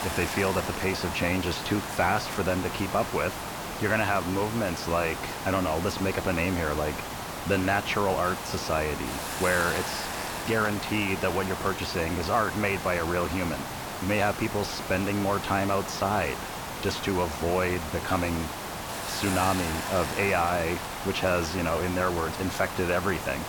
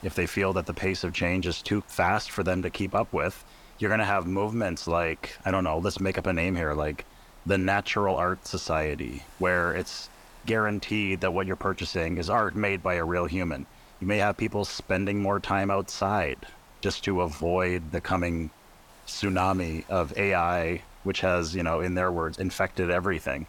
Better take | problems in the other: second | hiss; loud; throughout; 6 dB below the speech; faint in the second

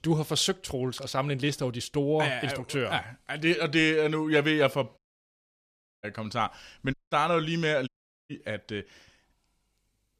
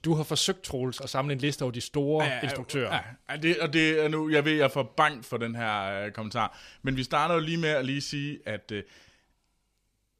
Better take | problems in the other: second | audio cutting out; at 5 s for 1 s, at 7 s and at 8 s

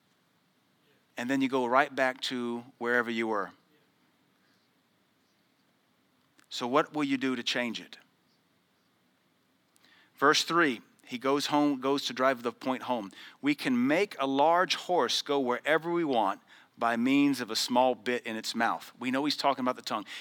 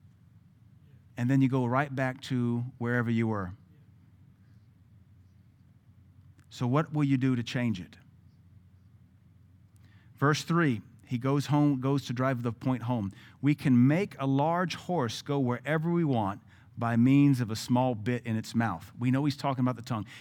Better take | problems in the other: second | thin; somewhat; fading below 350 Hz

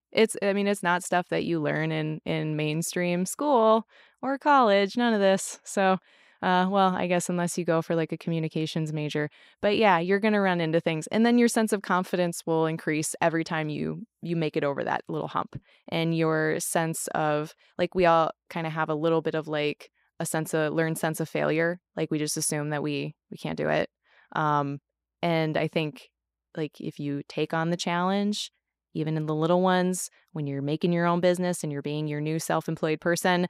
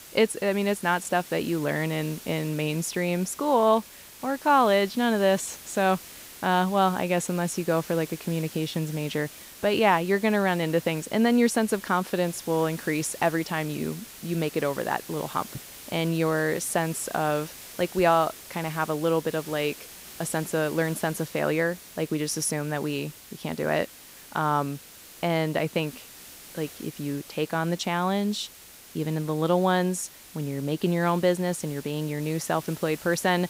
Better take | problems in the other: first | hiss; noticeable; throughout; 15 dB below the speech

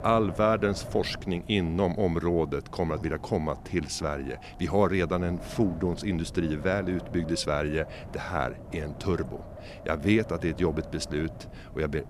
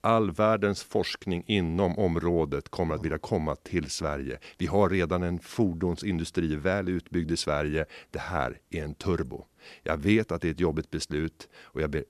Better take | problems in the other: second | wind noise on the microphone; occasional gusts; 15 dB below the speech

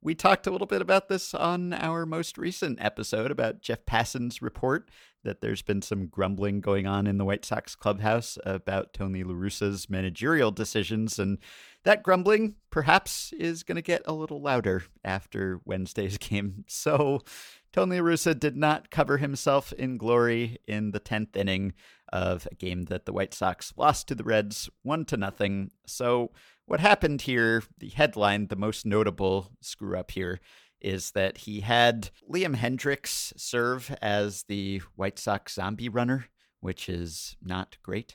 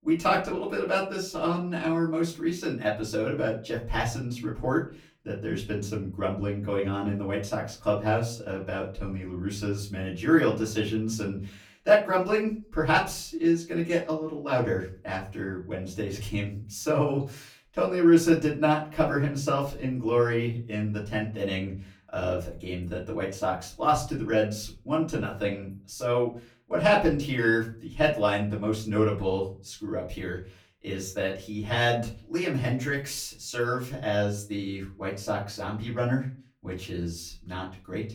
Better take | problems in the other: first | off-mic speech; far // room echo; slight; dies away in 0.3 s

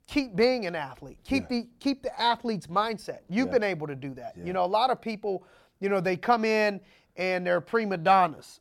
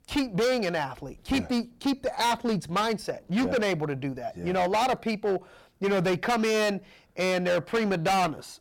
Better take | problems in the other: first | distortion; heavy; 17% of the sound clipped

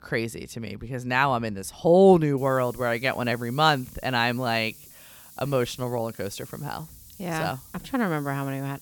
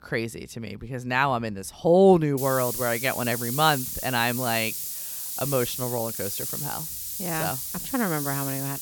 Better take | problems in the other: first | hiss; loud; from 2.5 s on; 4 dB below the speech; faint in the first

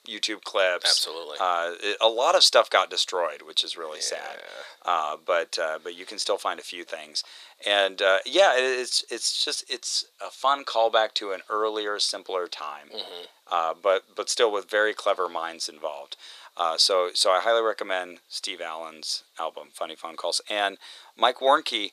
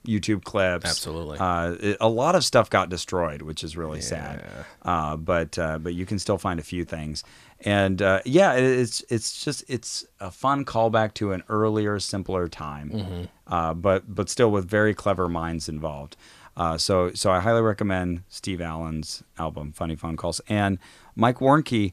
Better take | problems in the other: second | thin; very; fading below 450 Hz

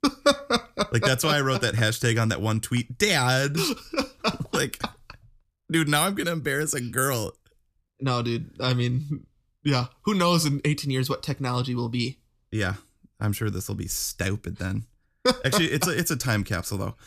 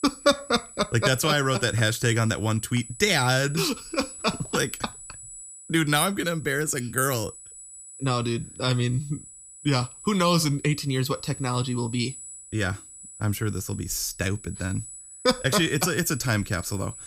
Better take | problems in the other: first | high-pitched whine; noticeable; throughout; 8 kHz, 15 dB below the speech

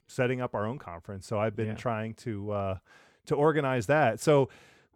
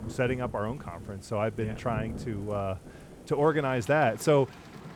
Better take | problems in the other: first | rain or running water; noticeable; throughout; 15 dB below the speech

